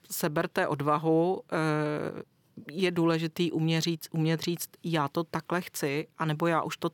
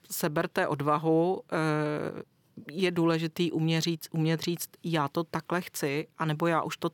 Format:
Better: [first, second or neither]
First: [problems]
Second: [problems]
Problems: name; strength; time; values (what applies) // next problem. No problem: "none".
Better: neither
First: none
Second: none